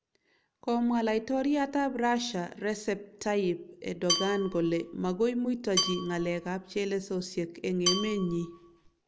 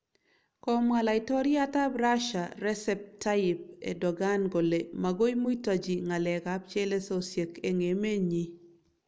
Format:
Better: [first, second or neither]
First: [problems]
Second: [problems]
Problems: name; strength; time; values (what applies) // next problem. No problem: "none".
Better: second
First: background sound (Dishes, pots, and pans / Glass / Bell); 5 dB below the speech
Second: none